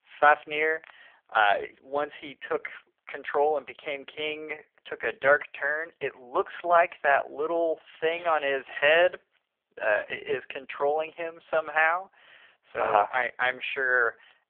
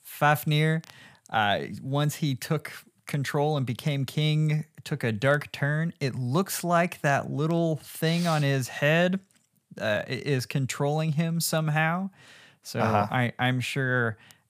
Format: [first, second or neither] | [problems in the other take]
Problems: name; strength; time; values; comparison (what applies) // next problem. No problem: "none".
second | phone-call audio; poor line